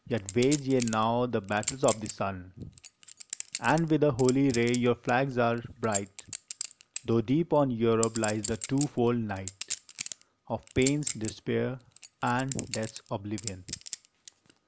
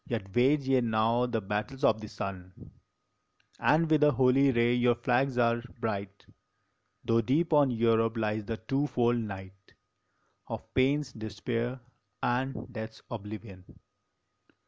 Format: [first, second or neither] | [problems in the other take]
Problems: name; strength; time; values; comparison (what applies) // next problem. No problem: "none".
second | background sound (Chink, clink); 11 dB below the speech